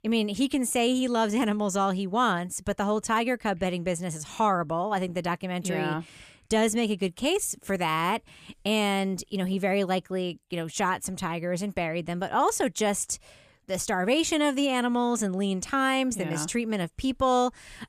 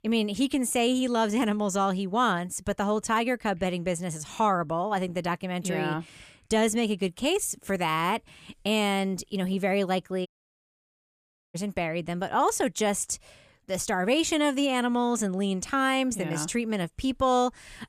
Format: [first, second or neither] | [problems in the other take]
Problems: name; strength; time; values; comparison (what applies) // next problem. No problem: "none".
first | audio cutting out; at 10 s for 1.5 s